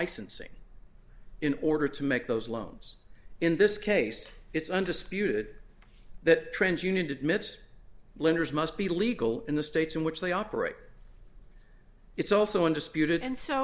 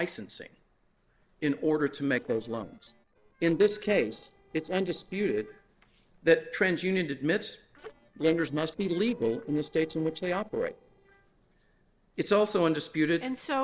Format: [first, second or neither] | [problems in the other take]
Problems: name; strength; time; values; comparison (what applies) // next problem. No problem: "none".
first | noise reduction (neural separator model SepFormer DNS4)